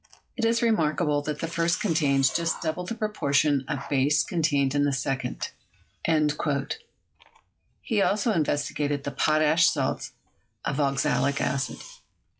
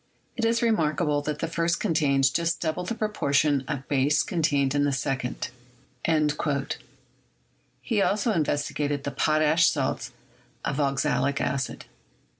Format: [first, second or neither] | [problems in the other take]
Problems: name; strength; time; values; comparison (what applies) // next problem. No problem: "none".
second | noise reduction (classical method log-MMSE)